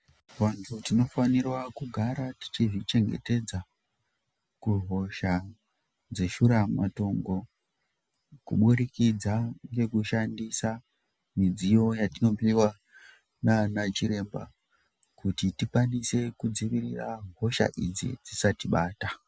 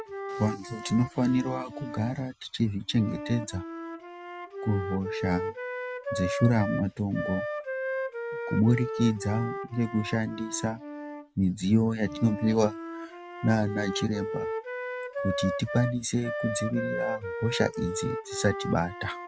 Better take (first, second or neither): first